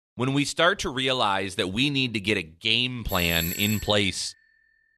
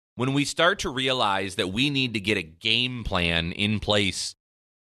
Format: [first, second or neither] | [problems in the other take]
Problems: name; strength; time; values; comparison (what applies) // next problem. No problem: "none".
second | doorbell; noticeable; at 3 s; peak 6 dB below the speech